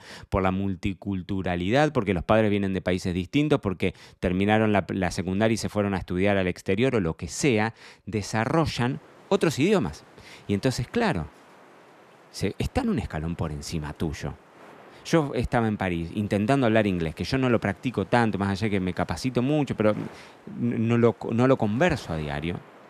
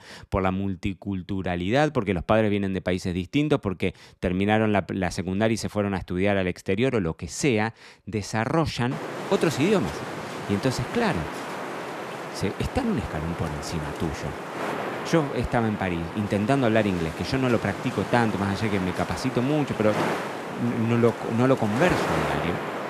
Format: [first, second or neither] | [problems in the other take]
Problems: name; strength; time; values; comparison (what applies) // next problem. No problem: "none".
first | wind noise on the microphone; heavy; from 9 s on; 4 dB below the speech; occasional gusts in the first